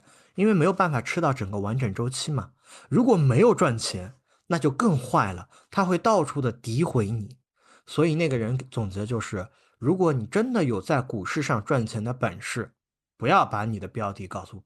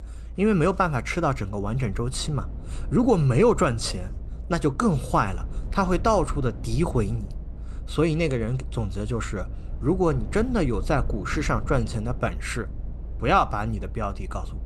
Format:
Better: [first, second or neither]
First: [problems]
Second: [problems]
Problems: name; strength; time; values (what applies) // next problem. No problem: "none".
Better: first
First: none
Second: low rumble; faint; throughout; 25 dB below the speech